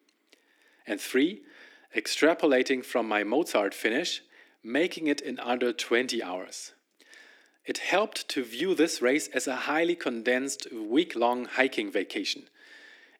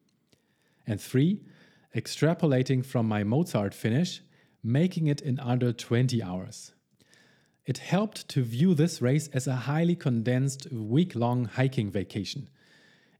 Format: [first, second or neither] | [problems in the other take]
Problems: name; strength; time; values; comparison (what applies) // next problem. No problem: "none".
second | thin; somewhat; fading below 300 Hz